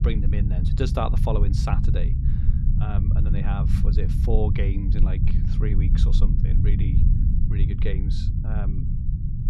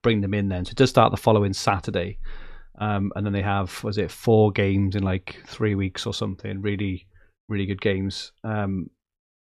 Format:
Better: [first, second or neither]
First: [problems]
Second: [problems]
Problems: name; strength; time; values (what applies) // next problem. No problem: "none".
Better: second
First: low rumble; loud; throughout; 3 dB below the speech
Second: none